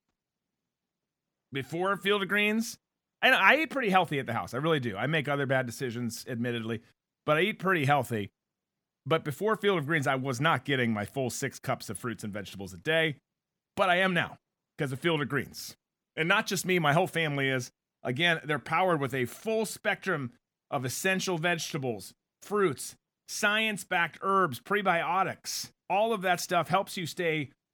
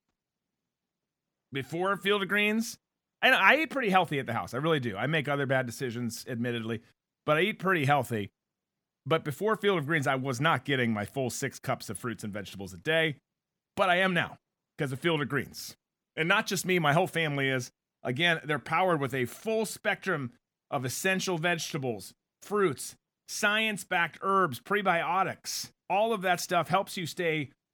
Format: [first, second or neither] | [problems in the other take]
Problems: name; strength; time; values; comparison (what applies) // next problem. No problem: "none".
neither | none